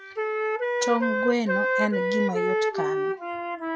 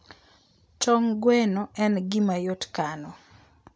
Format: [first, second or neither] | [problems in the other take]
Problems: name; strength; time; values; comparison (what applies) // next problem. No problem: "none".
second | noise reduction (classical method log-MMSE)